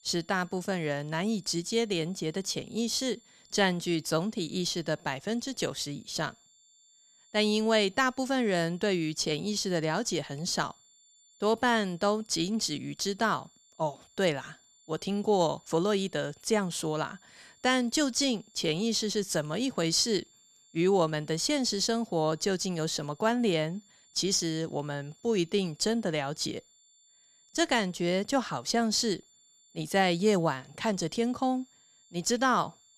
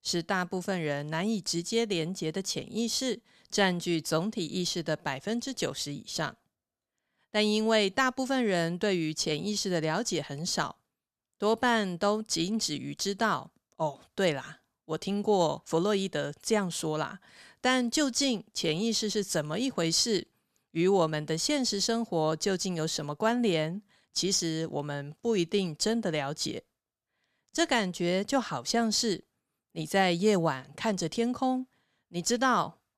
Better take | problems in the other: second | high-pitched whine; faint; throughout; 7 kHz, 30 dB below the speech

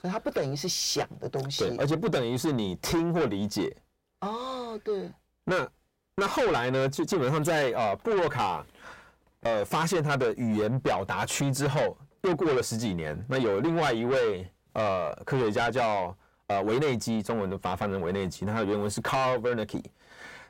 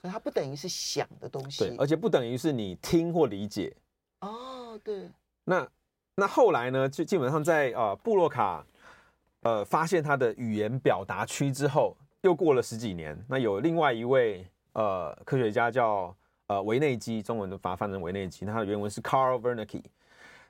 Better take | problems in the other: second | distortion; heavy; 6 dB below the speech

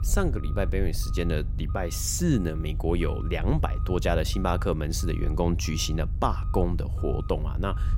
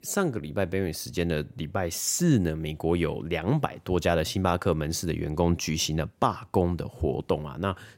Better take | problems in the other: second | low rumble; noticeable; throughout; 15 dB below the speech

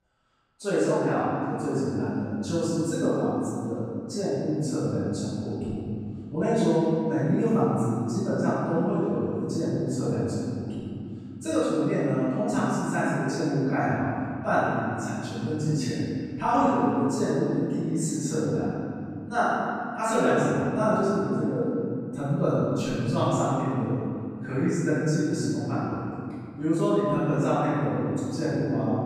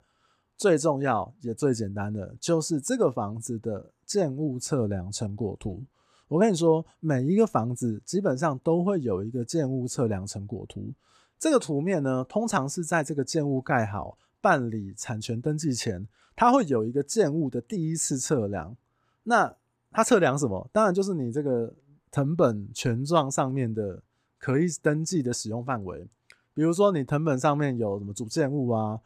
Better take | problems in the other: second | off-mic speech; far // room echo; strong; dies away in 2.6 s

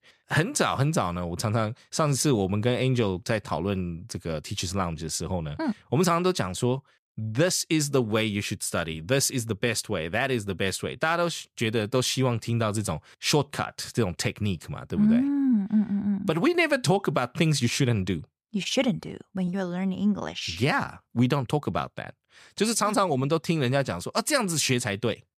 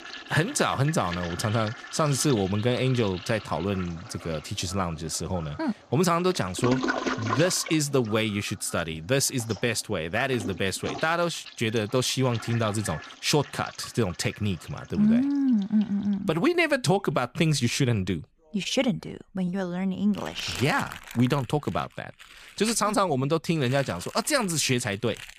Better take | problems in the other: first | household noises; noticeable; throughout; 10 dB below the speech

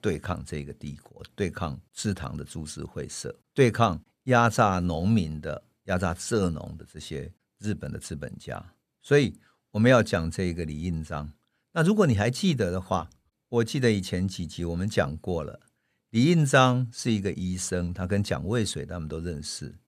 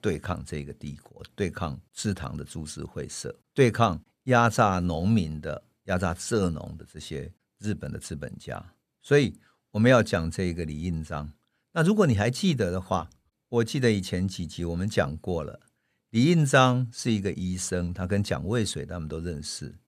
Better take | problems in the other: neither | none

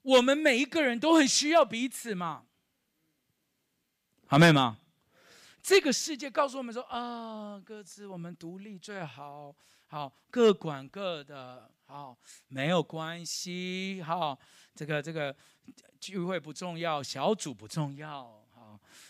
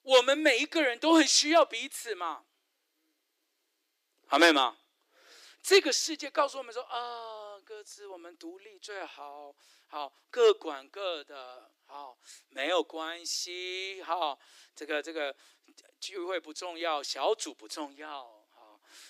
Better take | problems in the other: first | thin; somewhat; fading below 300 Hz

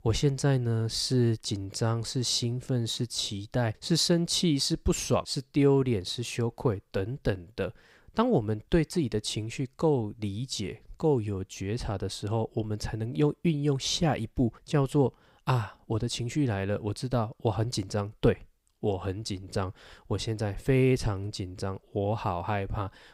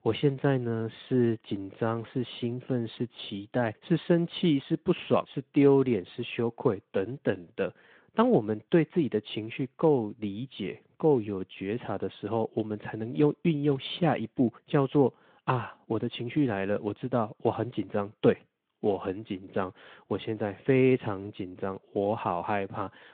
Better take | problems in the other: first | phone-call audio; nothing above 3.5 kHz

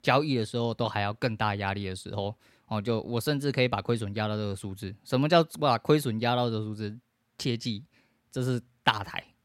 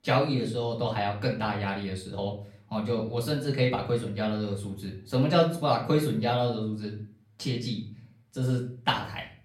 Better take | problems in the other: first | off-mic speech; far // room echo; slight; dies away in 0.4 s

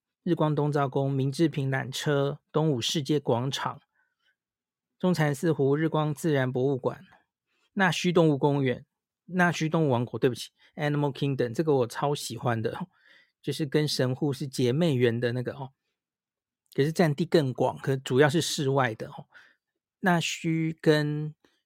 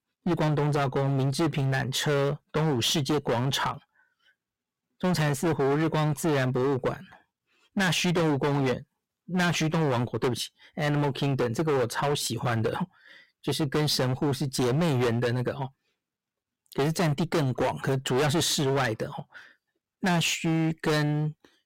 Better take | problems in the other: first | distortion; heavy; 20% of the sound clipped

